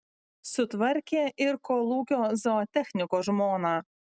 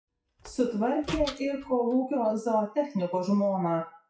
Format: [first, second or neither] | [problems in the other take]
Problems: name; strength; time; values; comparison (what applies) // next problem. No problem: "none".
first | noise reduction (classical method WPE with log-MMSE)